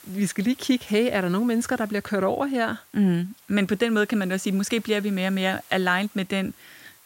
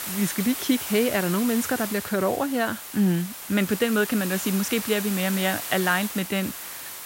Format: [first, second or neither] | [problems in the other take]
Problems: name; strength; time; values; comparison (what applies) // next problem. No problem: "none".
first | hiss; loud; throughout; 7 dB below the speech; faint in the first